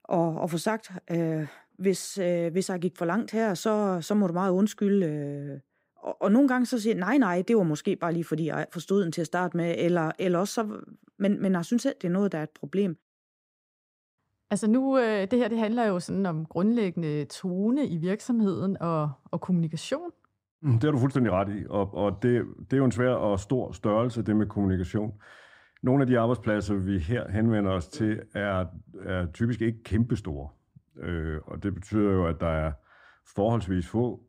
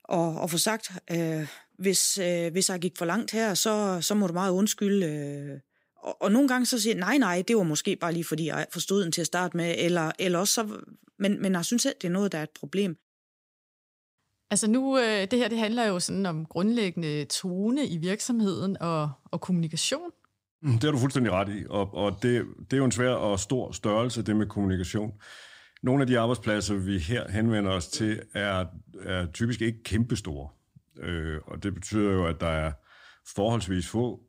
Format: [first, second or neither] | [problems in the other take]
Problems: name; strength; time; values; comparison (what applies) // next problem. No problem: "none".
second | muffled; slightly; fading above 2 kHz